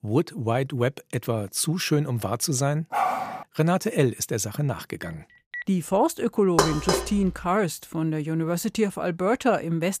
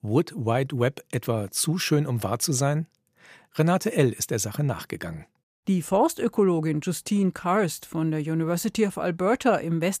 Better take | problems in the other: second | dog barking; noticeable; at 3 s; peak level with the speech // phone ringing; faint; at 5 s; peak 10 dB below the speech // clattering dishes; loud; at 6.5 s; peak 3 dB above the speech

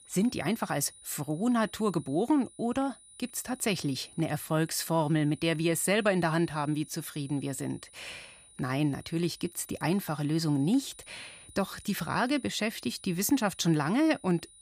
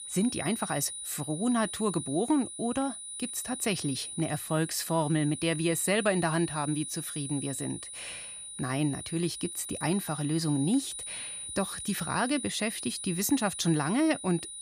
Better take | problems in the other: first | high-pitched whine; loud; throughout; 9.5 kHz, 7 dB below the speech; faint in the first

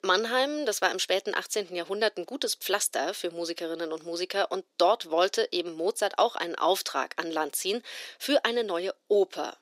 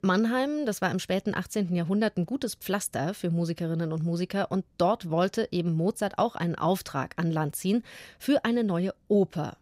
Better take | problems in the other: second | thin; very; fading below 350 Hz

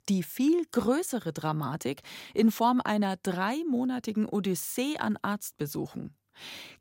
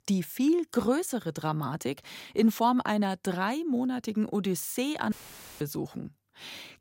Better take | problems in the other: first | audio cutting out; filled with static; at 5 s

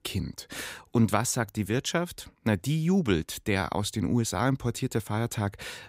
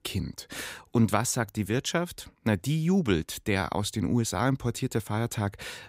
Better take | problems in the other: neither | none

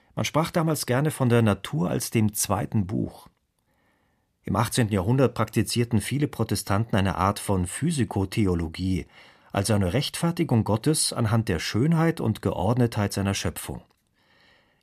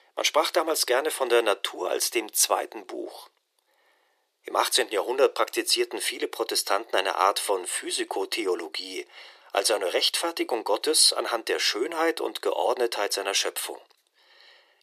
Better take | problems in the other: first | thin; very; fading below 350 Hz

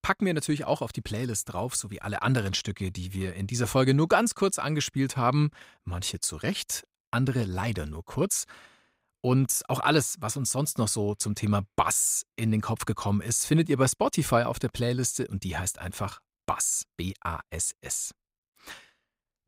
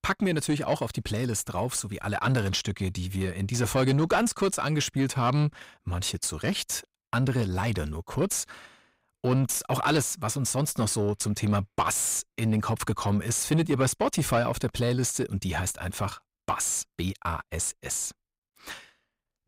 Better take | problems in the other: first | distortion; slight; 10 dB below the speech

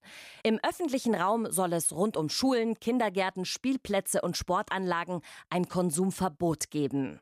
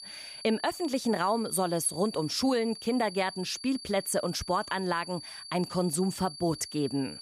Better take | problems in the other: first | high-pitched whine; noticeable; throughout; 4.5 kHz, 10 dB below the speech

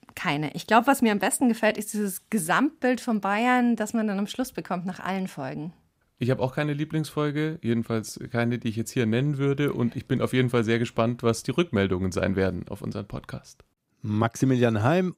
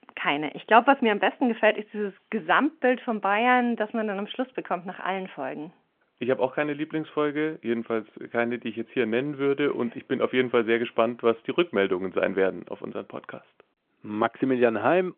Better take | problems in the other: first | phone-call audio

